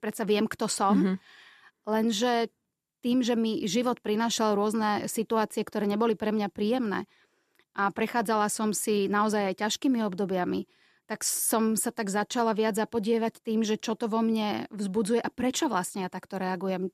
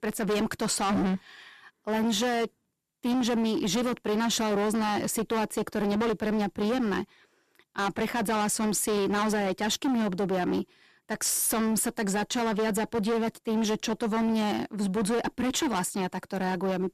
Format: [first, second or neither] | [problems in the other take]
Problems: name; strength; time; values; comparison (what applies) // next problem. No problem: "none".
first | distortion; heavy; 23% of the sound clipped